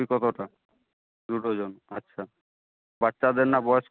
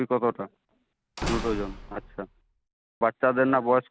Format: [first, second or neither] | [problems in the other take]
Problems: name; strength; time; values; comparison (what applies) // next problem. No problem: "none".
first | background sound (Slam / Wood); 10 dB below the speech